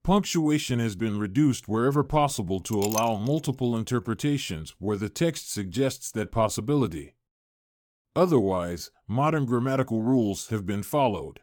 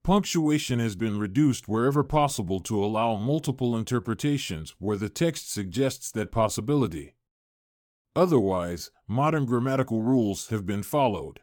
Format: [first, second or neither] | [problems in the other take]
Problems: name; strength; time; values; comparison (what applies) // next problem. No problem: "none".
second | clattering dishes; noticeable; at 2.5 s; peak 6 dB below the speech